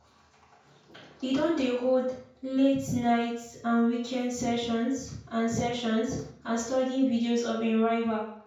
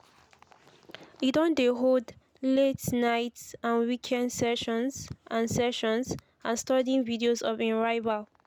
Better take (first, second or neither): second